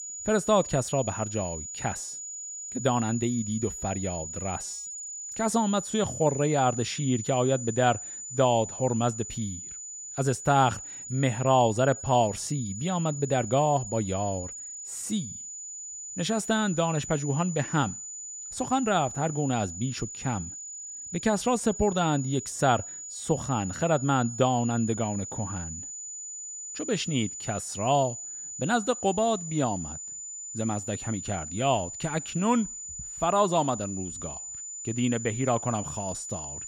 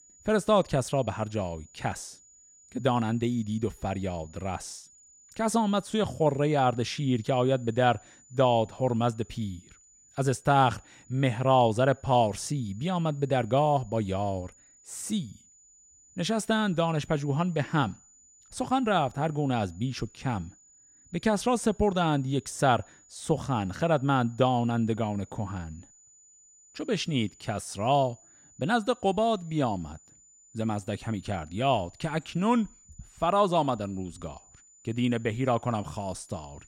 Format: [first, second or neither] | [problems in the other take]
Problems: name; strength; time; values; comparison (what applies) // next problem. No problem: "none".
second | high-pitched whine; loud; throughout; 7 kHz, 8 dB below the speech; faint in the second